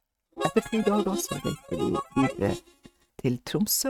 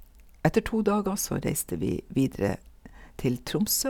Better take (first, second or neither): second